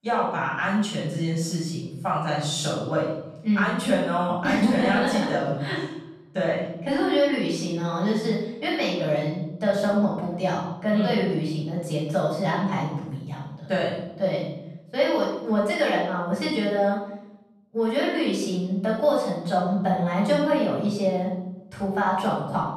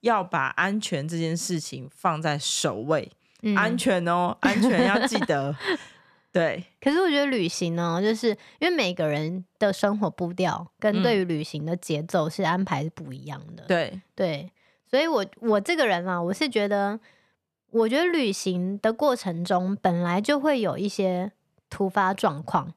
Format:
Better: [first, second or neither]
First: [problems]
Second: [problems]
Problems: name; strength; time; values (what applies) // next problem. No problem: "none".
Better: second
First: off-mic speech; far // room echo; noticeable; dies away in 0.8 s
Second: none